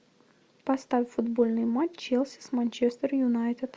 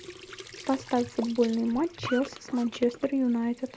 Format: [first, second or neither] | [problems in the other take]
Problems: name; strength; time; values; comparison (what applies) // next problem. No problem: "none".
first | background sound (Squeak / Trickle, dribble / Sink (filling or washing)); 15 dB below the speech